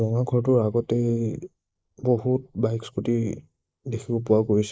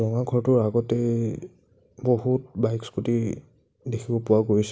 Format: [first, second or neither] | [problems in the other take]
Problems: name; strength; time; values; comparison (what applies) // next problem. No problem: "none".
second | noise reduction (neural mask model Resemble Enhance denoiser)